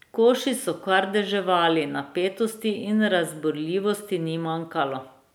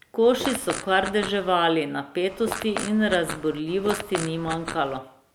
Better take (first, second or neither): first